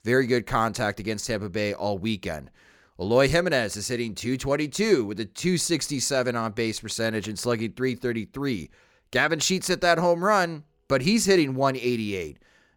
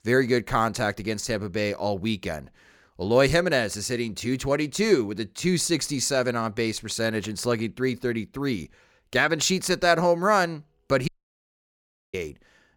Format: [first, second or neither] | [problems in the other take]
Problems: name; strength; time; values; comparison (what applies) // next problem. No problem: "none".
first | audio cutting out; at 11 s for 1 s